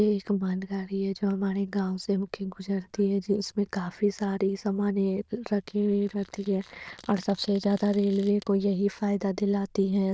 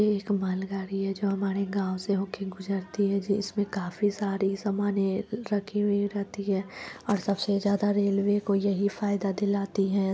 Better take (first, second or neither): second